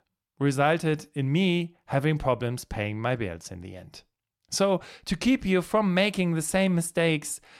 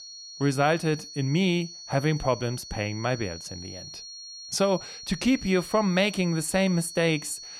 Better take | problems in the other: first | high-pitched whine; noticeable; throughout; 4.5 kHz, 15 dB below the speech

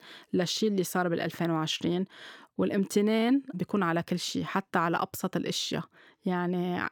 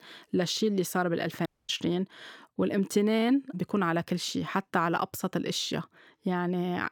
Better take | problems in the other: first | audio cutting out; at 1.5 s

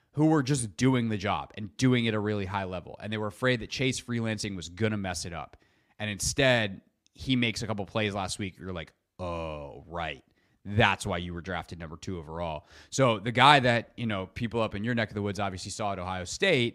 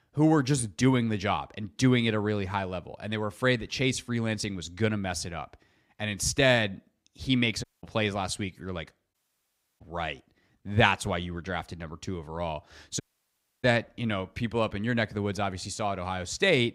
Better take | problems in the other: first | audio cutting out; at 7.5 s, at 9 s for 0.5 s and at 13 s for 0.5 s

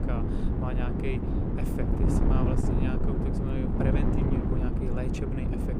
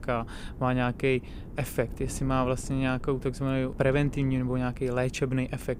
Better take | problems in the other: second | wind noise on the microphone; heavy; 4 dB above the speech; occasional gusts in the second

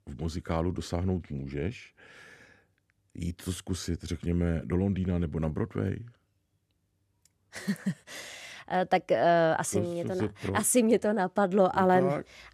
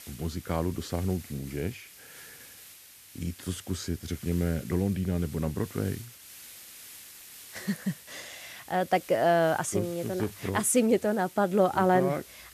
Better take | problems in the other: first | hiss; noticeable; throughout; 20 dB below the speech

